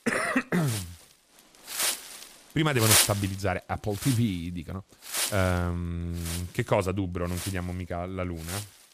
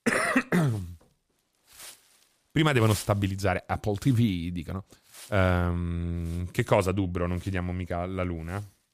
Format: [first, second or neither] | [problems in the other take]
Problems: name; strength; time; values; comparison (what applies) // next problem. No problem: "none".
second | wind noise on the microphone; heavy; 1 dB above the speech; occasional gusts in the second